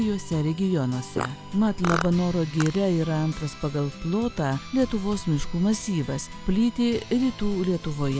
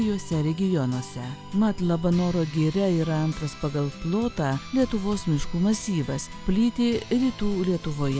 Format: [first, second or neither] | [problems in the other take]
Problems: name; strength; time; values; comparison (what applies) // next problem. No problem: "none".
second | background sound (Fart); 9 dB below the speech